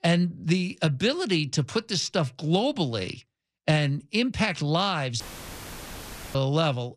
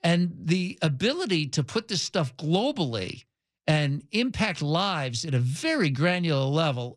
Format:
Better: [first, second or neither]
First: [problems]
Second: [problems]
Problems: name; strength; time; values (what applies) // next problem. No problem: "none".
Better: second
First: audio cutting out; filled with static; at 5 s for 1 s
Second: none